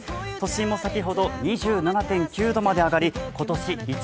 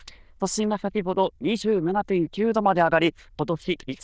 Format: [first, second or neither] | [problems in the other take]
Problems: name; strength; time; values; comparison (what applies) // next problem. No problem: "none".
first | noise reduction (neural diffusion model UNIVERSE++)